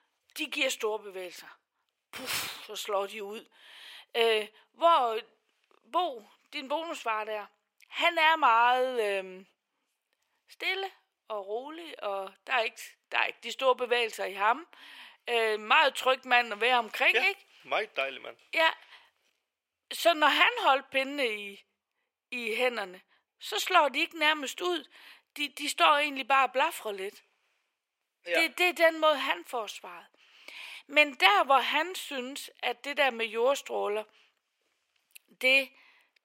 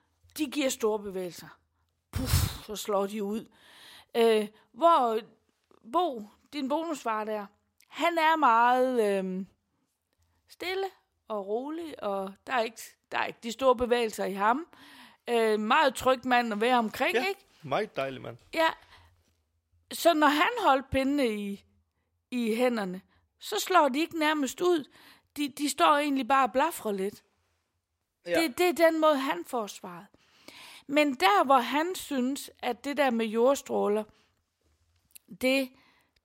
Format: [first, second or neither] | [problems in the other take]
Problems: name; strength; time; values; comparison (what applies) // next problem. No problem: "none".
second | thin; somewhat; fading below 500 Hz